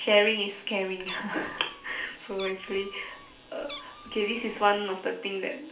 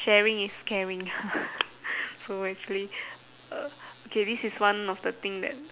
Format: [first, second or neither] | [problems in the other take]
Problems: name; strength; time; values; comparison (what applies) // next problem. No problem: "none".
second | background sound (Meow); 17 dB below the speech // room echo; dies away in 0.4 s